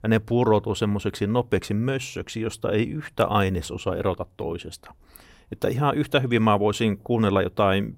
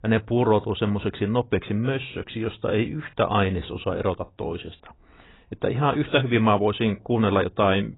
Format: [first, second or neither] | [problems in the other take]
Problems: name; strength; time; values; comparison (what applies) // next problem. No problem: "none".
first | garbled, watery; badly; nothing above 3.5 kHz